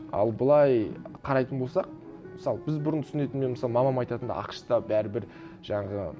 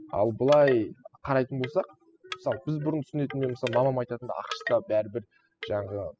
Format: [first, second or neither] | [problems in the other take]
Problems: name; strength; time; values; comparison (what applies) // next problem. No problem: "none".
first | noise reduction (classical method spectral subtraction)